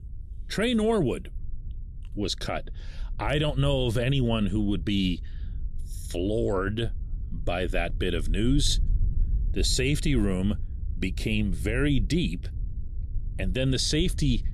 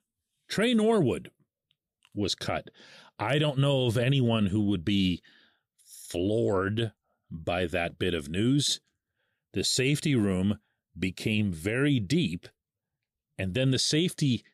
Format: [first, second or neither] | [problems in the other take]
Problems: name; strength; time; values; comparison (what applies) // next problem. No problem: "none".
second | low rumble; faint; throughout; 25 dB below the speech